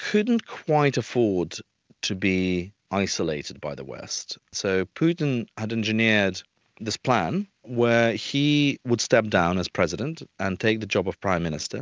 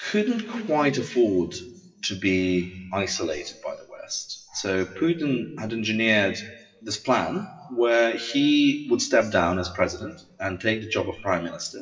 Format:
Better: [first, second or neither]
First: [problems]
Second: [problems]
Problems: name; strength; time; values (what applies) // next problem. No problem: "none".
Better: first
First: none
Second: noise reduction (classical method WPE with log-MMSE)